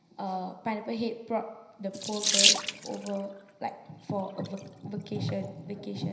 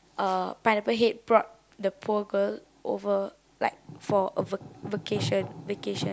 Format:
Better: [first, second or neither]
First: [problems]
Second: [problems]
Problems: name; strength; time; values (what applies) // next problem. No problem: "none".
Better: second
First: background sound (Sink (filling or washing) / Water tap, faucet); 2 dB above the speech // room echo; dies away in 0.9 s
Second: none